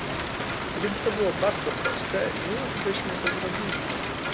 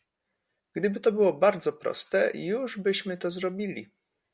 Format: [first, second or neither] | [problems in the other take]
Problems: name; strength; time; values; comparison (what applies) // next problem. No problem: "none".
second | background sound (Rain); 1 dB above the speech